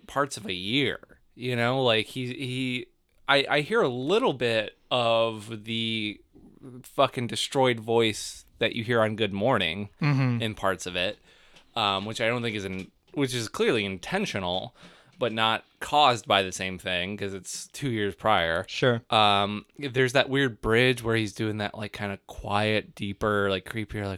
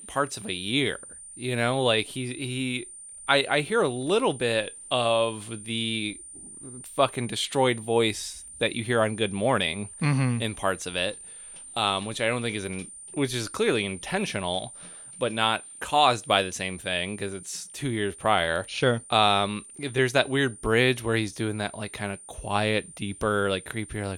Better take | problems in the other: first | high-pitched whine; noticeable; throughout; 9 kHz, 15 dB below the speech

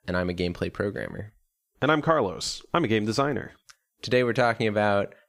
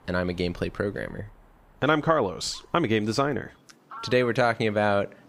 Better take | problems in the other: first | animal sounds; faint; throughout; 25 dB below the speech

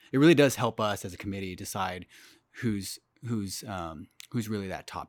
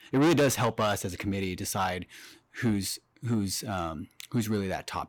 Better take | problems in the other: first | distortion; heavy; 6 dB below the speech

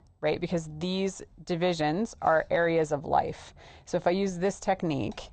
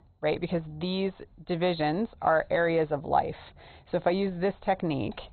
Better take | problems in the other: first | garbled, watery; badly; nothing above 4 kHz; slightly in the first

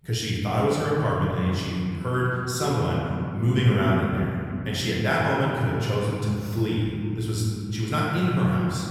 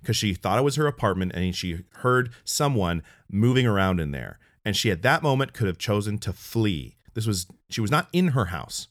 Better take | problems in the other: second | room echo; strong; dies away in 2.5 s // off-mic speech; far

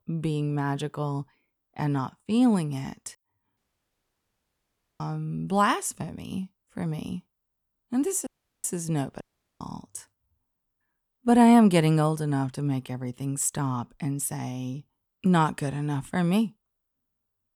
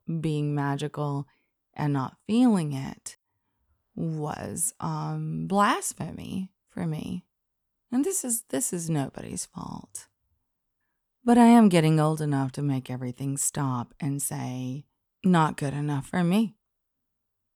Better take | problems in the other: second | audio cutting out; at 3.5 s for 1.5 s, at 8.5 s and at 9 s

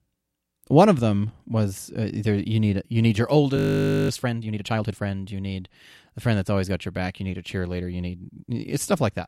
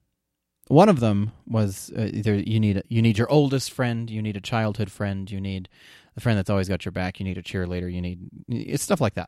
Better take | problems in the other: second | audio freezing; at 3.5 s for 0.5 s

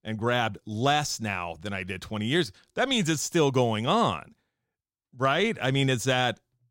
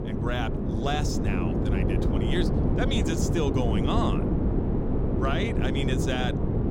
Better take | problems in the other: first | wind noise on the microphone; heavy; 1 dB below the speech

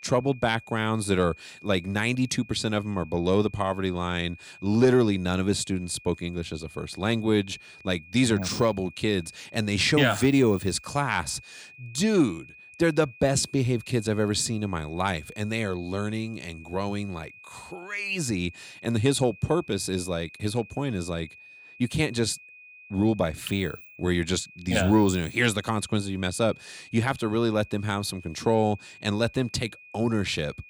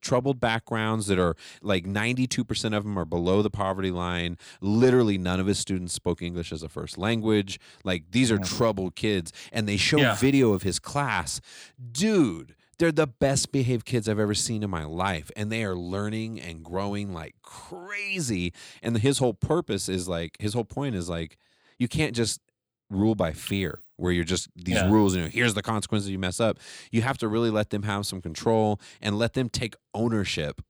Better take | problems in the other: second | high-pitched whine; faint; throughout; 2.5 kHz, 20 dB below the speech

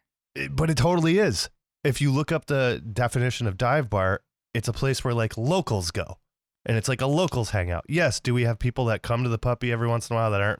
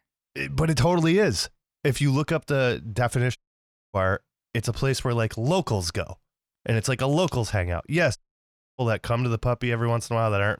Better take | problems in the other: first | audio cutting out; at 3.5 s for 0.5 s and at 8 s for 0.5 s

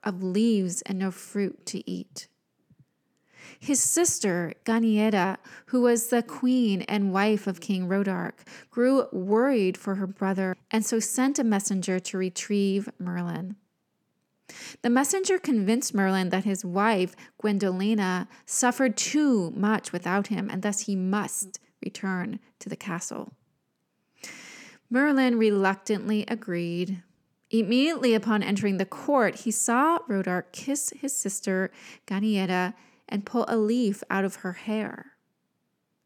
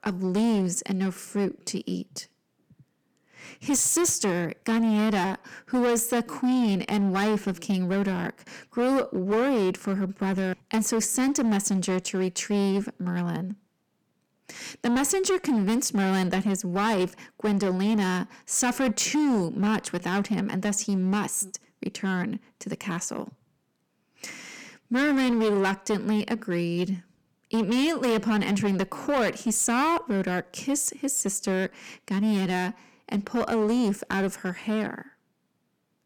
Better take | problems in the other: first | distortion; slight; 12% of the sound clipped

